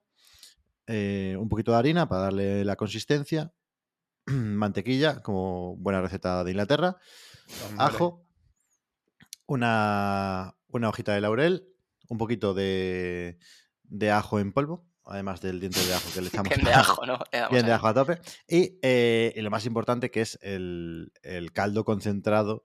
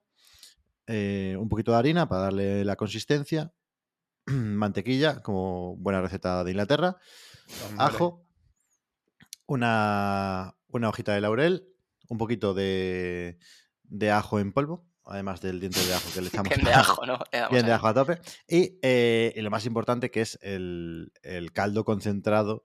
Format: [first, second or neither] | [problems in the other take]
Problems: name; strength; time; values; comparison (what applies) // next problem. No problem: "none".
neither | none